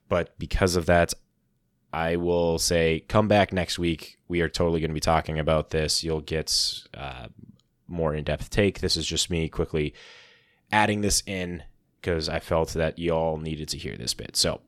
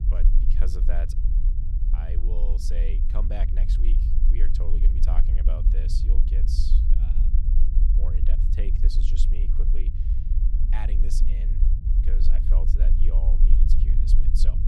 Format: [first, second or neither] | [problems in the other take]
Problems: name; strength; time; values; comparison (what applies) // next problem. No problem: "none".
first | low rumble; loud; throughout; 2 dB below the speech